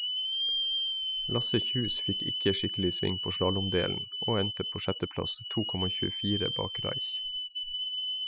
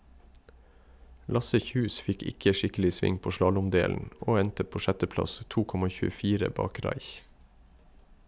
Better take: second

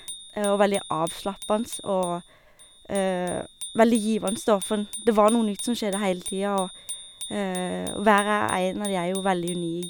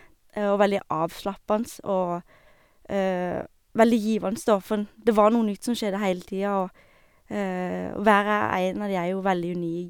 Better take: second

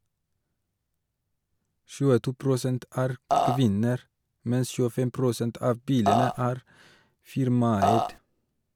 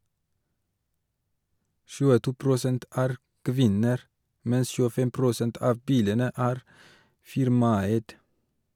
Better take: second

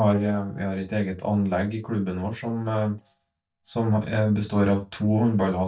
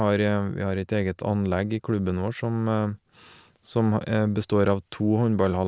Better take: second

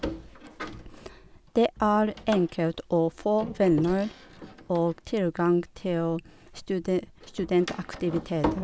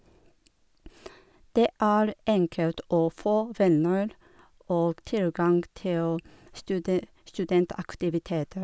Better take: second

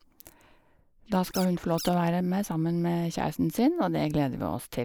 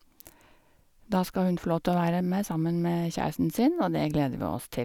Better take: second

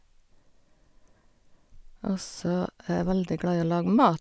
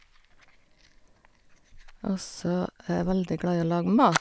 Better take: first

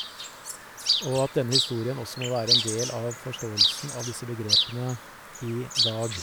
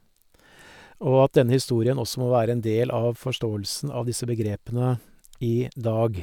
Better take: second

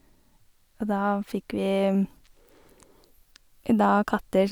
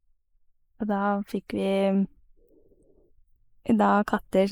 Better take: first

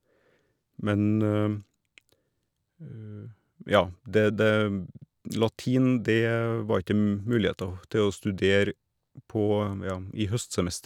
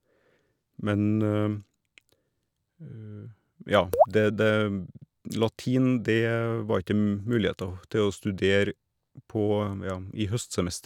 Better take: first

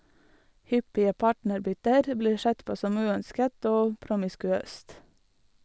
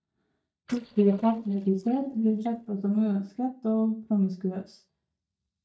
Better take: first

